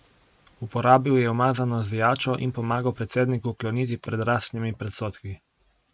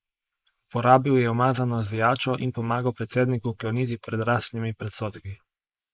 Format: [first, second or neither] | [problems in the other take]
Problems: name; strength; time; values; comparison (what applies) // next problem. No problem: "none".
first | noise reduction (neural mask model Resemble Enhance denoiser)